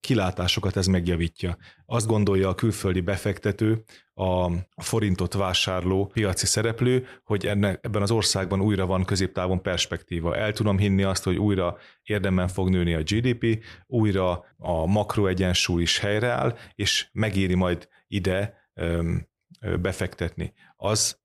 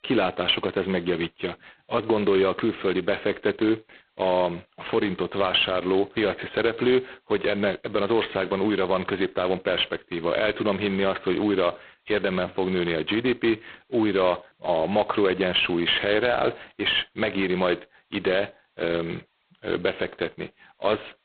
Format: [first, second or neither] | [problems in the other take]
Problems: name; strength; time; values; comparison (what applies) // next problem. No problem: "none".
first | phone-call audio; poor line